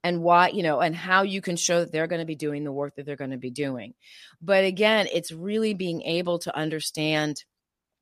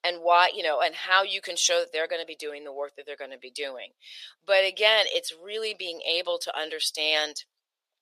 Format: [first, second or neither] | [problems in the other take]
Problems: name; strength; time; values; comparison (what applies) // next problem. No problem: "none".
first | thin; very; fading below 500 Hz